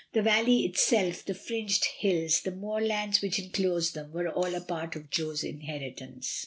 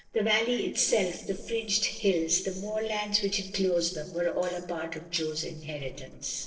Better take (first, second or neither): first